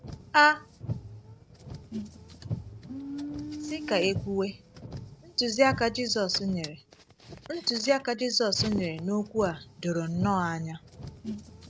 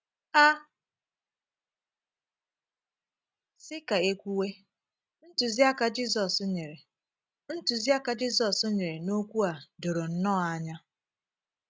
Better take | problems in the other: second | background sound (Car); 10 dB below the speech

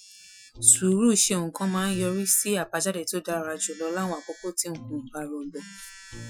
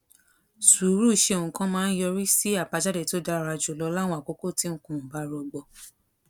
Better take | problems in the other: second | noise reduction (classical method Wiener filter)

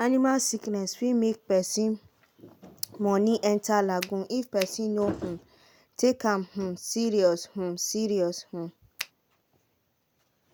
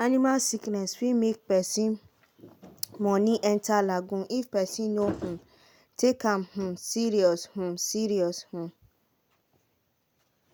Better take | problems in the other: second | background sound (Finger snapping); 11 dB below the speech

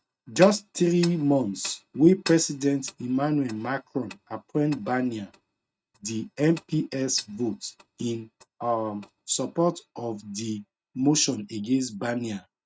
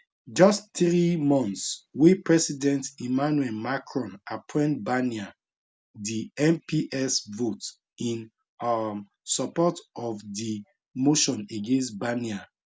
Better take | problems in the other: second | noise reduction (neural mask model RNNoise)

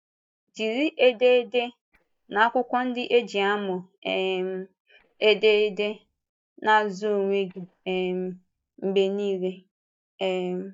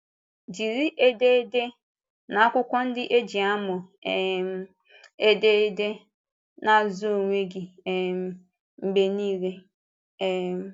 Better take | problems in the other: second | noise reduction (neural mask model DeepFilterNet 3)

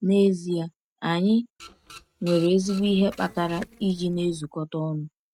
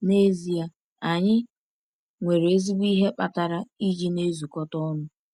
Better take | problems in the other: second | noise reduction (neural mask model RNNoise)

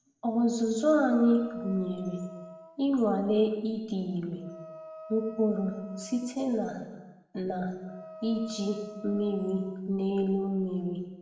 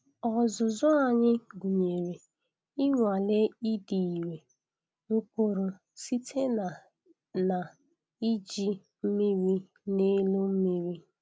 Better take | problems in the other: second | background sound (Wind instrument, woodwind instrument); 18 dB below the speech // room echo; dies away in 1.1 s

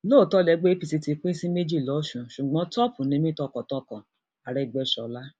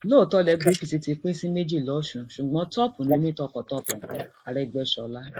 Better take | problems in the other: first | noise reduction (neural mask model Resemble Enhance denoiser)

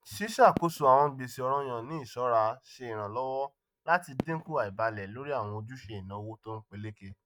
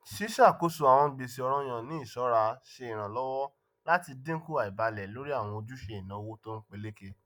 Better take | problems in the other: second | noise reduction (neural mask model RNNoise)

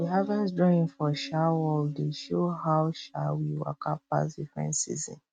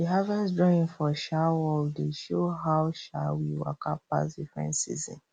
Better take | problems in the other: second | noise reduction (neural mask model RNNoise)

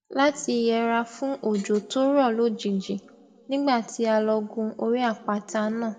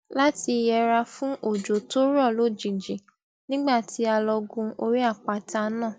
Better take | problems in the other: second | room echo; dies away in 1.3 s

